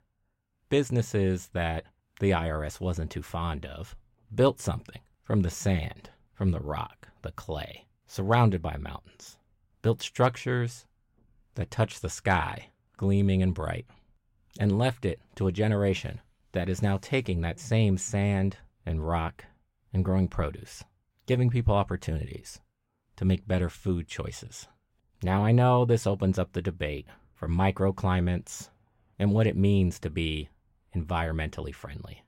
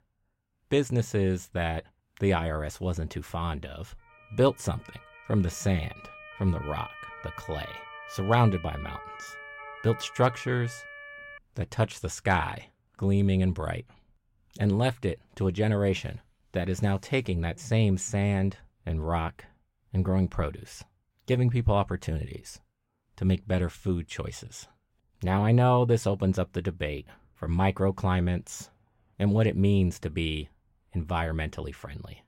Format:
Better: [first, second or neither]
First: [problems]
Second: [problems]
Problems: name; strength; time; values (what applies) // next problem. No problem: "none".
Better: first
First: none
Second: siren; faint; from 4 to 11 s; peak 10 dB below the speech